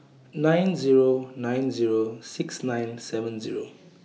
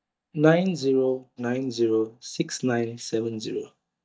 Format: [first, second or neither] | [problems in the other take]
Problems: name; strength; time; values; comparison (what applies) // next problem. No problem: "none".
first | noise reduction (neural mask model DeepFilterNet 3)